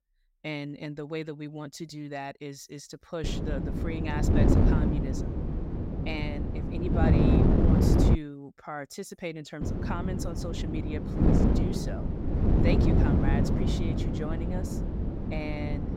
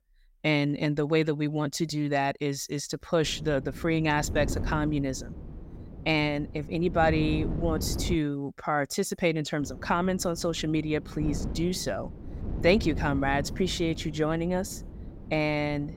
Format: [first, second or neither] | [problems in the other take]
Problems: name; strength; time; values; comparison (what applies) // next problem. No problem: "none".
second | wind noise on the microphone; heavy; from 3 to 8 s and from 9.5 s on; 4 dB above the speech; occasional gusts in the second